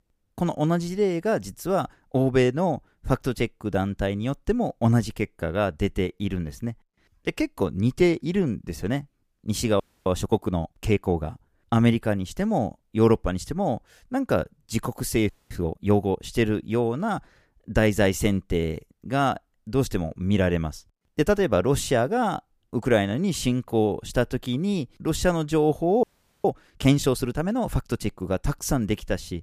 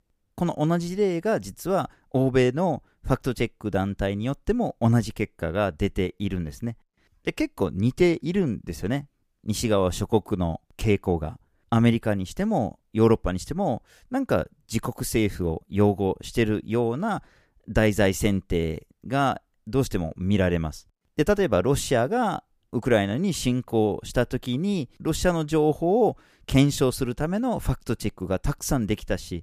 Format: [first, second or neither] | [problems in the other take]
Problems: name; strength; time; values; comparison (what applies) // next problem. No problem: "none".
second | audio freezing; at 10 s, at 15 s and at 26 s